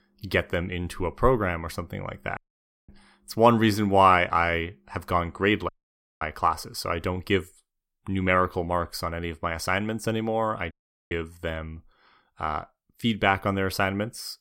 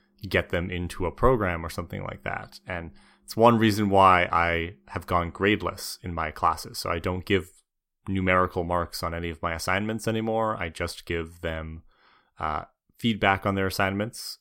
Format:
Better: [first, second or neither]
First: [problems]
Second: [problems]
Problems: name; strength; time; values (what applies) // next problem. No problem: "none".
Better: second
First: audio cutting out; at 2.5 s for 0.5 s, at 5.5 s for 0.5 s and at 11 s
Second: none